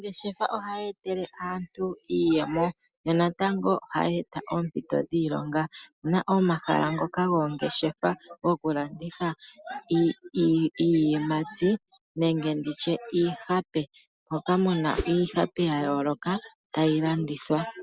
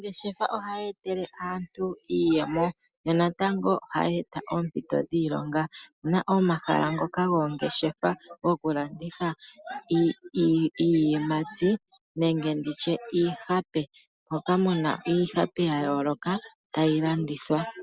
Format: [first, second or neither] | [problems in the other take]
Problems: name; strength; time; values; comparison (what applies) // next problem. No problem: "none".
second | background sound (Whoosh, swoosh, swish); 5 dB below the speech